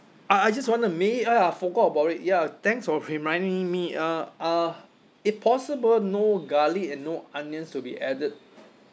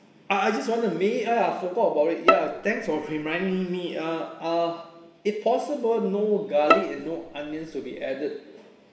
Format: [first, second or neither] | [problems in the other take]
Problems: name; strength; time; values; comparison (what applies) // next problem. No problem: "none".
first | background sound (Bowed string instrument); 1 dB below the speech // room echo; dies away in 1.2 s